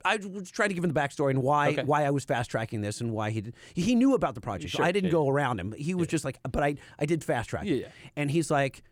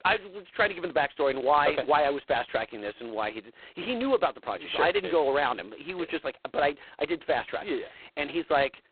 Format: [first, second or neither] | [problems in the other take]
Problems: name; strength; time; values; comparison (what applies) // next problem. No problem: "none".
first | phone-call audio; poor line; nothing above 4 kHz